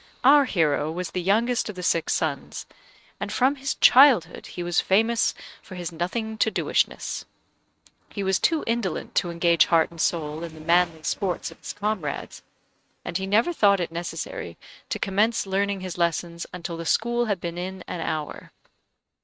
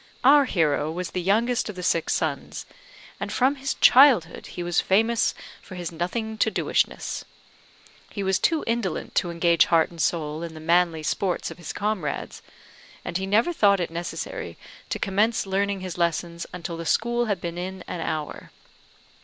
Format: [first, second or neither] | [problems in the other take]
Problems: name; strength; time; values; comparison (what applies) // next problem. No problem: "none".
second | noise reduction (neural mask model RNNoise)